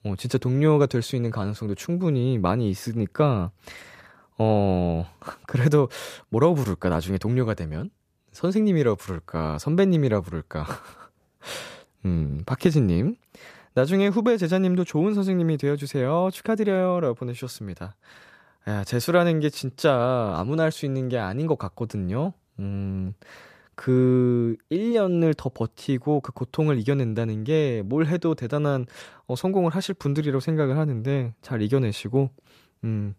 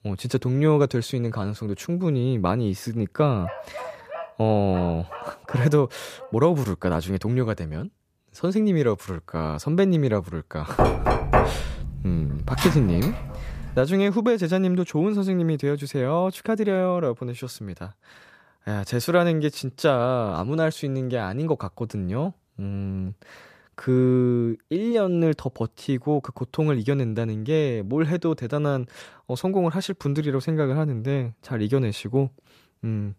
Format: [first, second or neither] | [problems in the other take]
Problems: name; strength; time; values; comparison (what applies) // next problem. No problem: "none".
first | dog barking; faint; from 3.5 to 6.5 s; peak 10 dB below the speech // door banging; loud; from 11 to 14 s; peak 4 dB above the speech